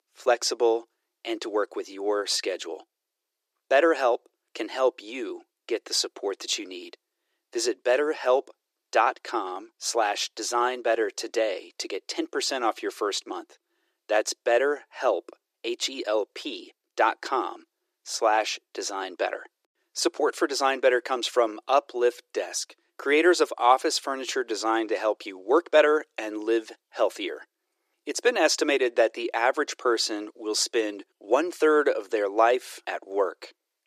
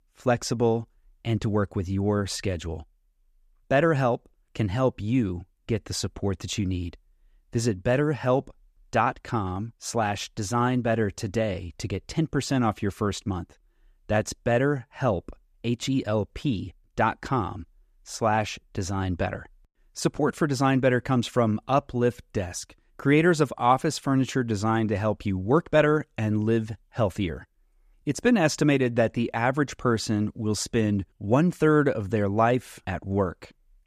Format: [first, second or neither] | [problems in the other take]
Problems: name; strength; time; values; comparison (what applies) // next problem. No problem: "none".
second | thin; very; fading below 350 Hz